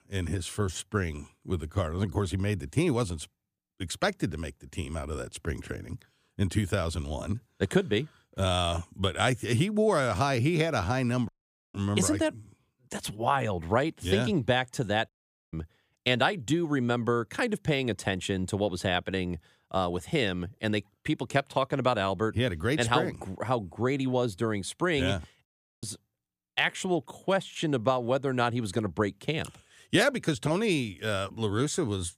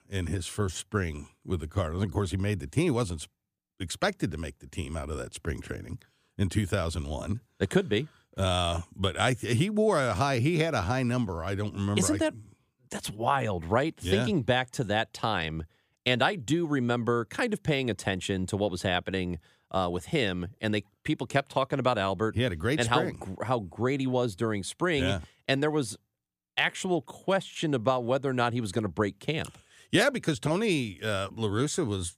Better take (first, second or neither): second